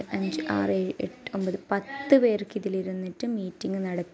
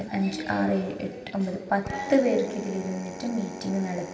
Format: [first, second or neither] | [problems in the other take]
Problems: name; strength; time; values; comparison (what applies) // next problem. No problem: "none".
first | background sound (Drill); 14 dB below the speech // room echo; dies away in 2.1 s